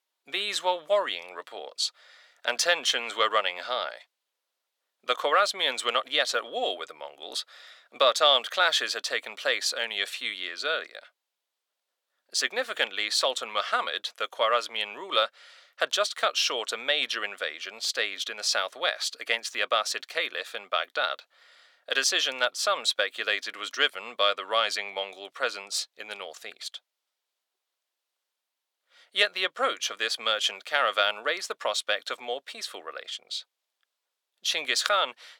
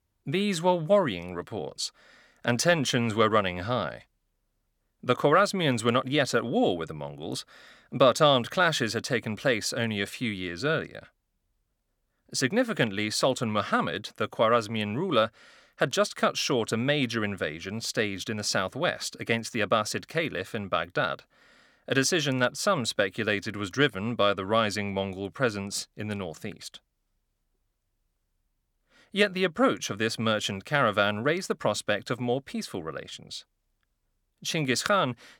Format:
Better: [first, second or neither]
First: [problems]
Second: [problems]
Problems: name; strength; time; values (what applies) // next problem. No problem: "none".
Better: second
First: thin; very; fading below 550 Hz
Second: none